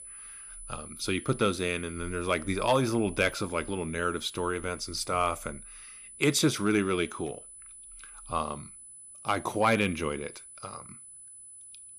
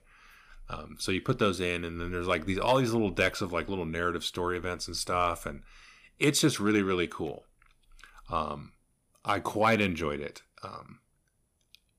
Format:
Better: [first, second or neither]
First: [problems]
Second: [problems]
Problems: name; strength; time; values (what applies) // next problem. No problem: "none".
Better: second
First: high-pitched whine; noticeable; throughout; 10 kHz, 15 dB below the speech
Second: none